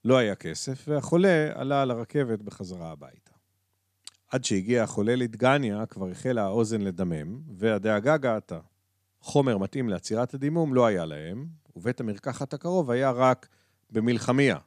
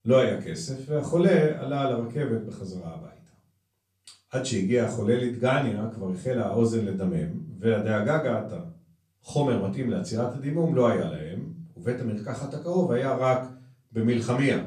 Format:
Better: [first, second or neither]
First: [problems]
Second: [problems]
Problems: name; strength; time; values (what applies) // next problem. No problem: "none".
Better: first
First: none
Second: off-mic speech; far // room echo; slight; dies away in 0.4 s